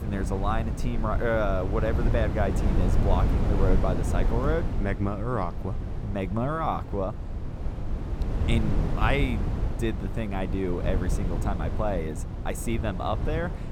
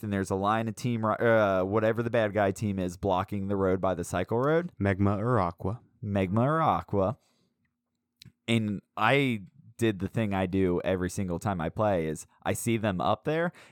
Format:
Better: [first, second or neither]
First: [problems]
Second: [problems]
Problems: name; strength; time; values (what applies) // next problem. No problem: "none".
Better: second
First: wind noise on the microphone; heavy; 8 dB below the speech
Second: none